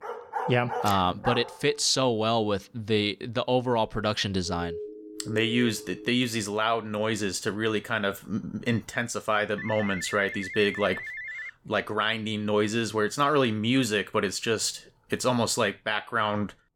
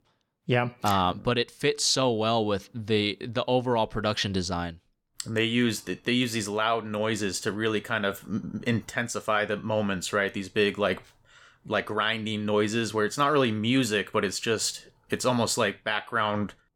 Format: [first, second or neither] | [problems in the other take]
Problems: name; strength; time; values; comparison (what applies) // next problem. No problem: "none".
second | dog barking; noticeable; until 1.5 s; peak 6 dB below the speech // siren; noticeable; from 4.5 to 6 s; peak 10 dB below the speech // phone ringing; noticeable; from 9.5 to 12 s; peak 8 dB below the speech